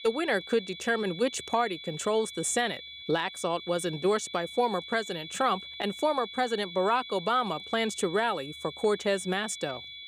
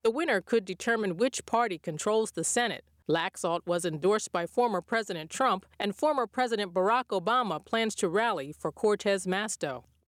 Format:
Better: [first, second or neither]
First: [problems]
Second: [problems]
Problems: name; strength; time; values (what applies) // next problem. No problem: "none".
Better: second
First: high-pitched whine; noticeable; throughout; 3.5 kHz, 10 dB below the speech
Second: none